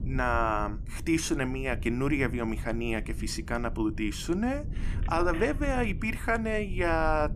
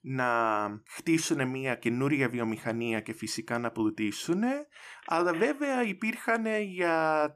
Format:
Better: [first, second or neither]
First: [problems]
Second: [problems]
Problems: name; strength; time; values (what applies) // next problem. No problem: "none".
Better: second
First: low rumble; faint; throughout; 20 dB below the speech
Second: none